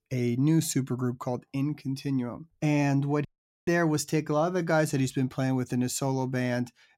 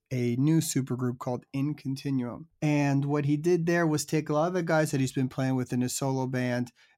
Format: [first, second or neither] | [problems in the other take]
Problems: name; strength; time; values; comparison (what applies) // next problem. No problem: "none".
second | audio cutting out; at 3.5 s